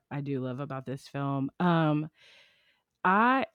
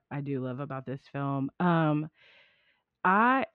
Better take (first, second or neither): first